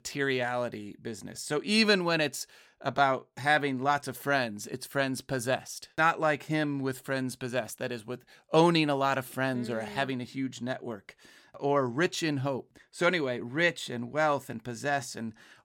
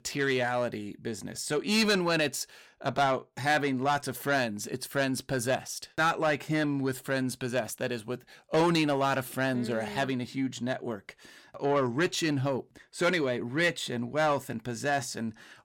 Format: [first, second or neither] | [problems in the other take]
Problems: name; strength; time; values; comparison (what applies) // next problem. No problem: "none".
first | distortion; slight; 10 dB below the speech